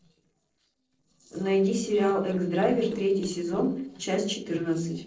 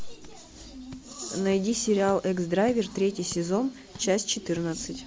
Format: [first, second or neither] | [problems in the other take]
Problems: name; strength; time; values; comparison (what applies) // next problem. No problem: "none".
second | noise reduction (neural separator model SepFormer DNS4)